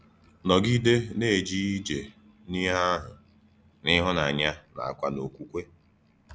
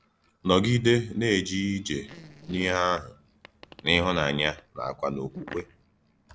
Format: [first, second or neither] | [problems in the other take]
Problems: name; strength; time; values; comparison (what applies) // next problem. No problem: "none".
first | noise reduction (neural separator model SepFormer DNS4)